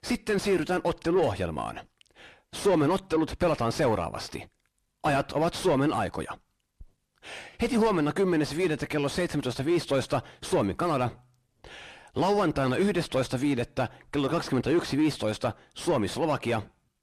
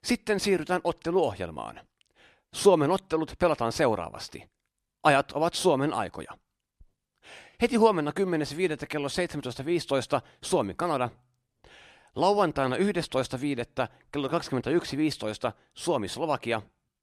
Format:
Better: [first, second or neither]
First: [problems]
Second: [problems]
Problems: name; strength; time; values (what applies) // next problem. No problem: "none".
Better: second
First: distortion; heavy; 7 dB below the speech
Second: none